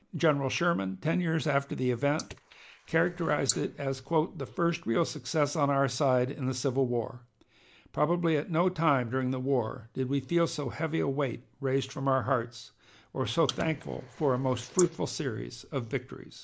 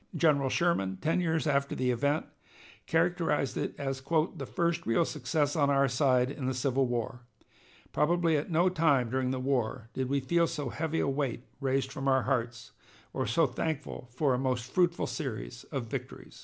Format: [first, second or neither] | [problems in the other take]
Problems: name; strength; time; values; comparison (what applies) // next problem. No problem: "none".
second | noise reduction (neural mask model Resemble Enhance denoiser)